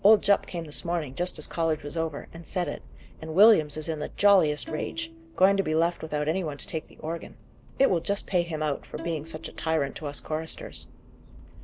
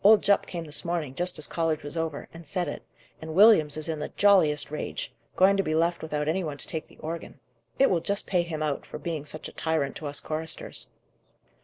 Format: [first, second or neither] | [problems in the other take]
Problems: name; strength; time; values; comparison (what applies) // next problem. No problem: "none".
second | background sound (Bowed string instrument + Accelerating, revving, vroom); 18 dB below the speech